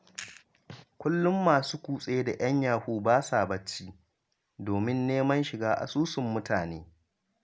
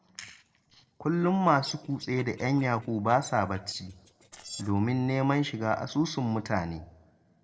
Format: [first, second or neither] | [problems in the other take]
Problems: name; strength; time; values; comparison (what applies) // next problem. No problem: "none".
first | noise reduction (neural separator model SepFormer DNS4)